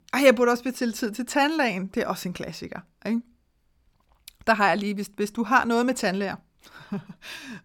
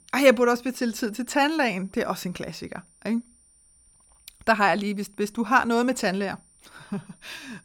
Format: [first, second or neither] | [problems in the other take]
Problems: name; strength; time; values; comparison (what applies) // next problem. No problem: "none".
first | high-pitched whine; faint; throughout; 9 kHz, 30 dB below the speech